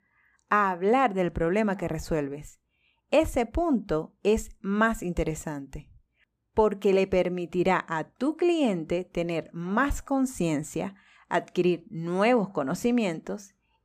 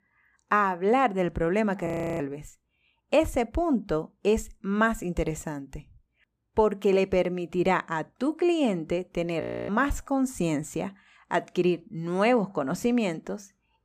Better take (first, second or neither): first